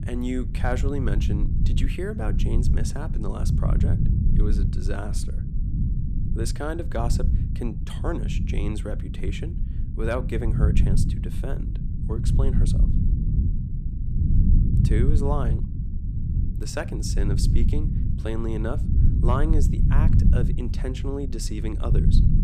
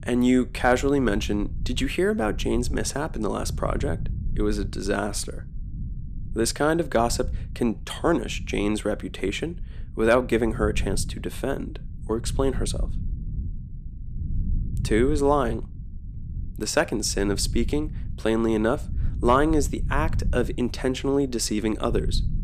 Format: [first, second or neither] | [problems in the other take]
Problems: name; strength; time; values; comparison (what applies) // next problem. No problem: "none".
second | low rumble; loud; throughout; 4 dB below the speech; faint in the second